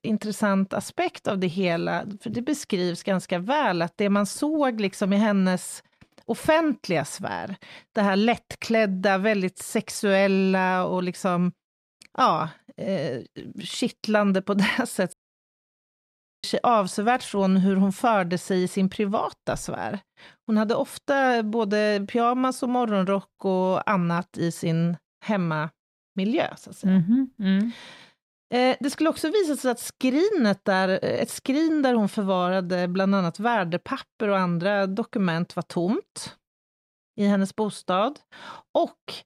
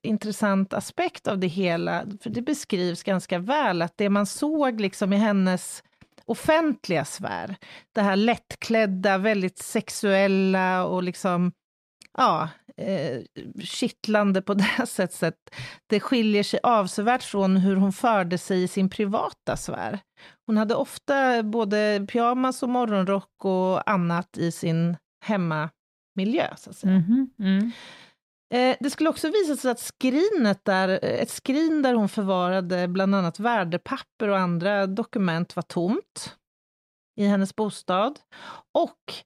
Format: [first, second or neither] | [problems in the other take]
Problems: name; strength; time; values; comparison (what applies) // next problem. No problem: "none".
second | audio cutting out; at 15 s for 1.5 s